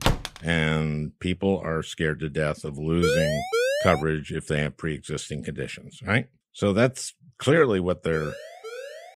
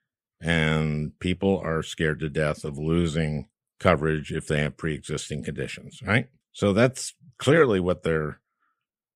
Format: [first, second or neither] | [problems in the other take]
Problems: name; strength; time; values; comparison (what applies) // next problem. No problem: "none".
second | door banging; noticeable; at the start; peak level with the speech // siren; loud; at 3 s; peak 2 dB above the speech // siren; faint; from 8 s on; peak 10 dB below the speech